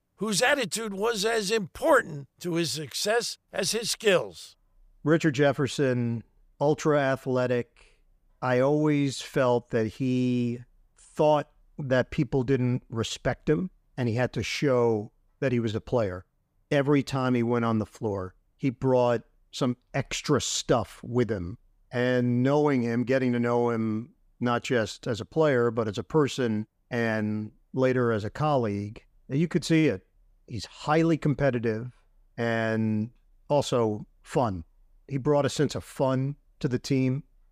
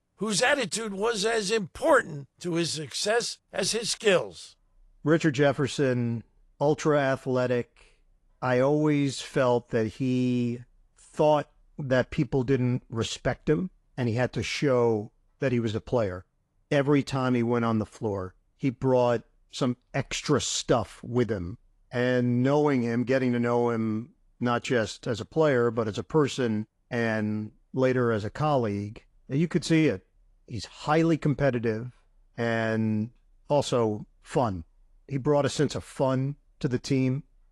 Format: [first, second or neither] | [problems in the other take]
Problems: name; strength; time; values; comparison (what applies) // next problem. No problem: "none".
first | garbled, watery; slightly